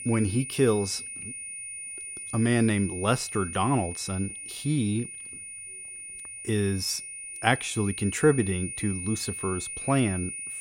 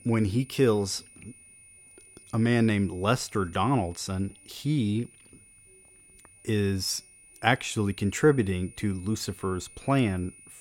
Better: second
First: high-pitched whine; loud; throughout; 9.5 kHz, 8 dB below the speech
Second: high-pitched whine; faint; throughout; 9.5 kHz, 25 dB below the speech

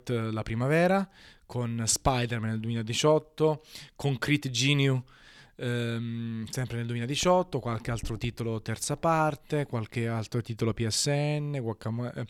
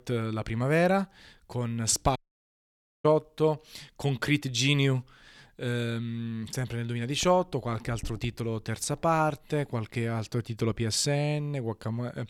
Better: first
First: none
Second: audio cutting out; at 2 s for 1 s

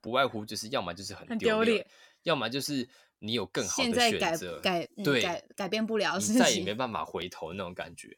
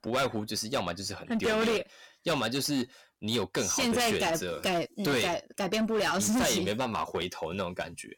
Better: first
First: none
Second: distortion; heavy; 15% of the sound clipped

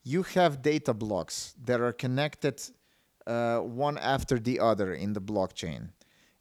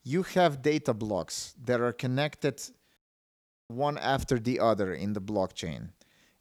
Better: first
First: none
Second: audio cutting out; at 3 s for 0.5 s

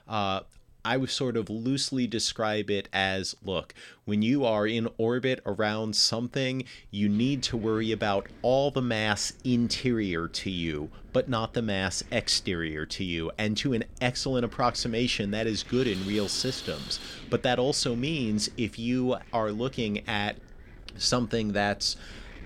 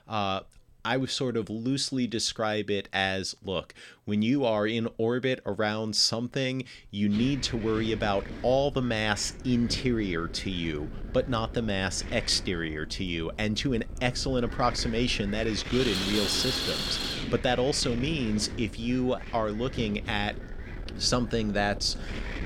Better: first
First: wind noise on the microphone; occasional gusts; from 7 s on; 20 dB below the speech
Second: wind noise on the microphone; heavy; from 7 s on; 7 dB below the speech

